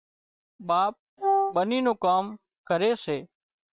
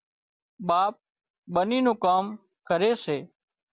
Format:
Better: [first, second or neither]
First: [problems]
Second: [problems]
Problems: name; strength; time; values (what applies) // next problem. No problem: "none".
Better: second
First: noise reduction (neural separator model SepFormer WHAM!)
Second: none